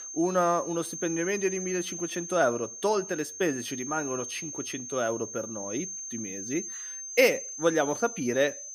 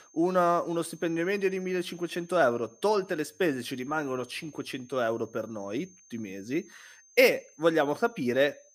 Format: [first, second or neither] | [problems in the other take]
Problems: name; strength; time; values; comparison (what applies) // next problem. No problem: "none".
second | high-pitched whine; loud; throughout; 6.5 kHz, 7 dB below the speech; faint in the second